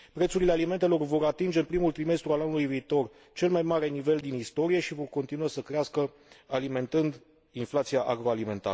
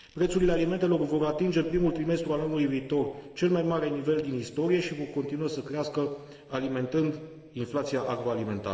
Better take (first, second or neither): first